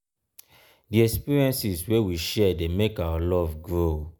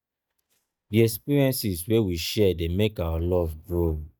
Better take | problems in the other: first | noise reduction (neural mask model DeepFilterNet 3)

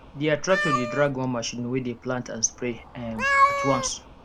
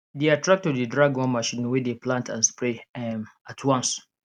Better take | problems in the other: second | background sound (Meow); 1 dB below the speech

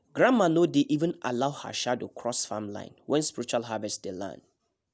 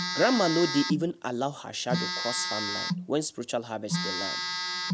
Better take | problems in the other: first | background sound (Telephone); 3 dB below the speech

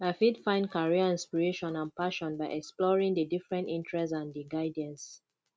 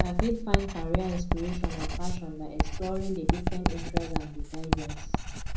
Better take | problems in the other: first | background sound (Writing); 5 dB above the speech // room echo; dies away in 0.6 s

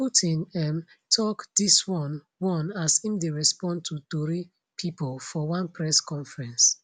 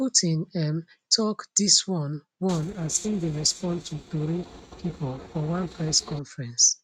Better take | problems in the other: first | noise reduction (neural mask model RNNoise)

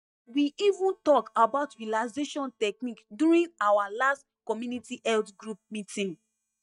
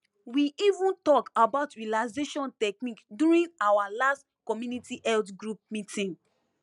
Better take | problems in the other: second | noise reduction (neural mask model DeepFilterNet 3)

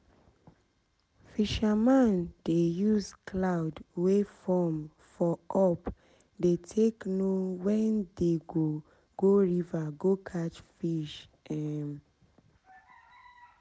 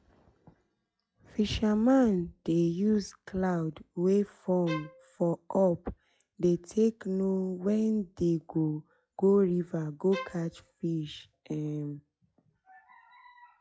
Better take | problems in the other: first | noise reduction (classical method log-MMSE)

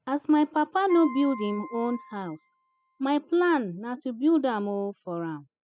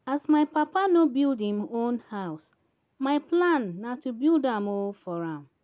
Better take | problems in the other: second | noise reduction (classical method spectral subtraction)

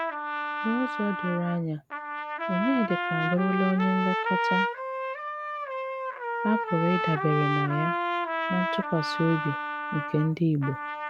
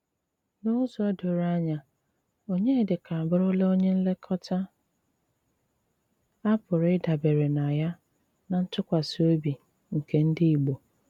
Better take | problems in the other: second | background sound (Trumpet); 1 dB below the speech

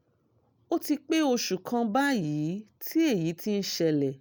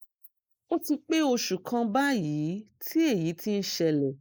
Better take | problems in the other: first | noise reduction (neural mask model Resemble Enhance denoiser)

